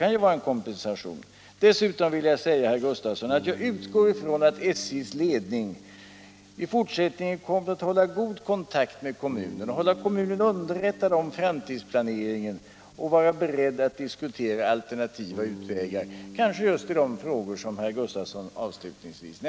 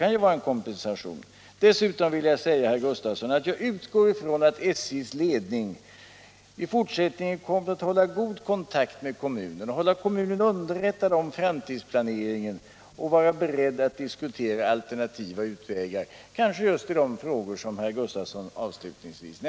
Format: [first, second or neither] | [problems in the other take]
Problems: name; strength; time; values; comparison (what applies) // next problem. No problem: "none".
second | background sound (Bass guitar); 20 dB below the speech